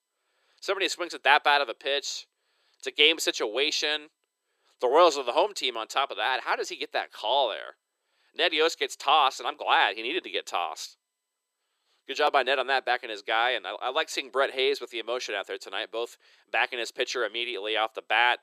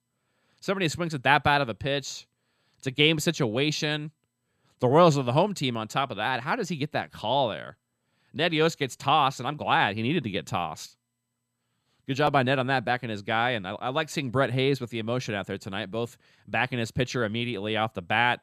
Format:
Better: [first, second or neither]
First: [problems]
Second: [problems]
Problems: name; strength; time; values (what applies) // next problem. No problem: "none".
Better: second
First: thin; very; fading below 350 Hz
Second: none